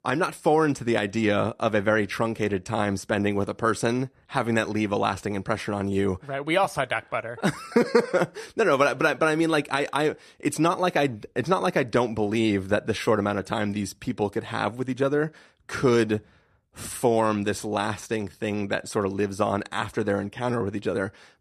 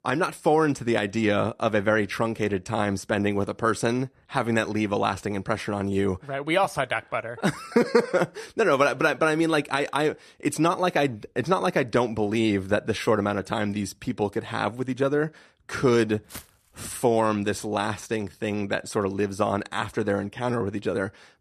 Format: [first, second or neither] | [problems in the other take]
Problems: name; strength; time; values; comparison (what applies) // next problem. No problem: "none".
first | footsteps; faint; at 16 s; peak 15 dB below the speech